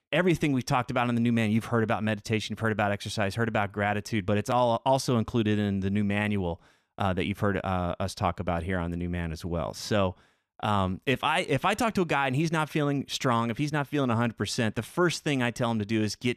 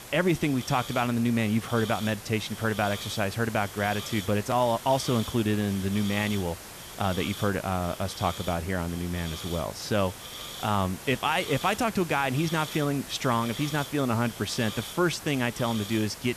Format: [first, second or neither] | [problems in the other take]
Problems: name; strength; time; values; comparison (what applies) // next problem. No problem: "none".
first | hiss; noticeable; throughout; 10 dB below the speech